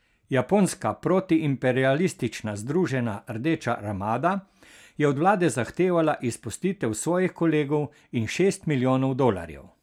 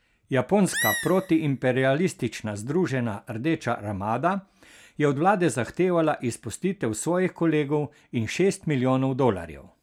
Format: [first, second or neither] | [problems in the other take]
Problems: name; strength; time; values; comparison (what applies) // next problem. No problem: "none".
first | background sound (Animal); 7 dB below the speech